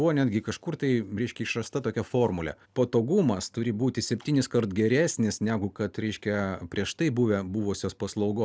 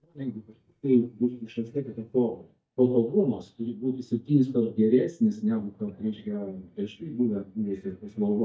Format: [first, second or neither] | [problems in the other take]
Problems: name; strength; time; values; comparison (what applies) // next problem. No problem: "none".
first | noise reduction (neural mask model DeepFilterNet 3)